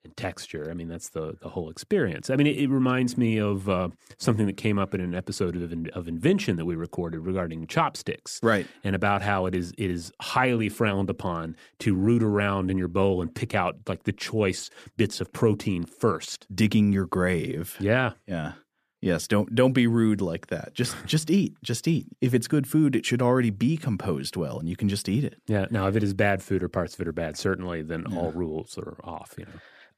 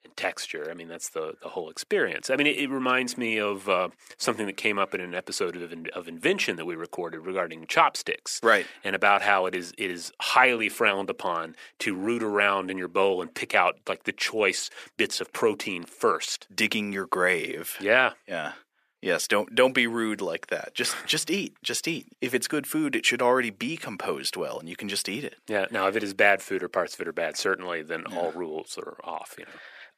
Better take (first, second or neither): first